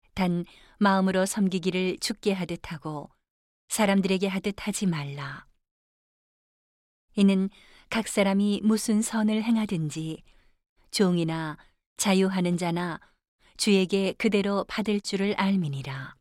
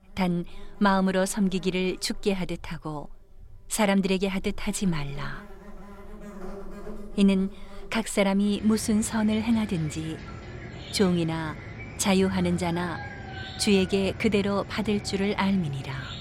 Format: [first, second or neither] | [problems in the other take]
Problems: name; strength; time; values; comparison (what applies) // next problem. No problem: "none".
first | animal sounds; noticeable; throughout; 15 dB below the speech